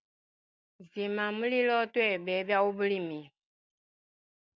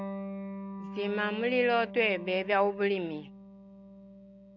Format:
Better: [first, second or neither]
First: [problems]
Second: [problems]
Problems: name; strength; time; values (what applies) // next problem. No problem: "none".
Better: first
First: none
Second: background sound (Electric guitar); 11 dB below the speech